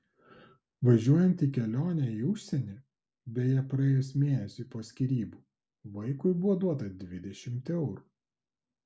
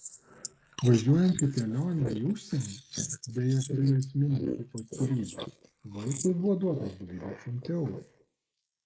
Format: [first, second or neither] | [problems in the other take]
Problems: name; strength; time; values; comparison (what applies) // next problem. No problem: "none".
first | noise reduction (neural mask model Resemble Enhance denoiser)